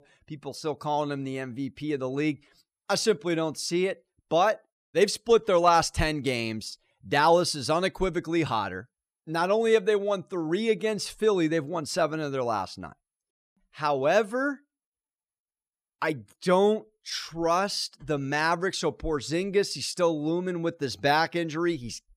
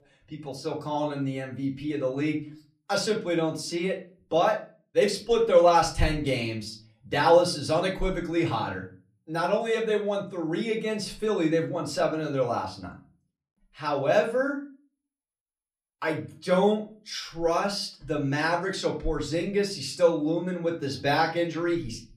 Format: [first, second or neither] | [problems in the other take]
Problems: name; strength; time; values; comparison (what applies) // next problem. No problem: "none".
first | off-mic speech; far // room echo; very slight; dies away in 0.3 s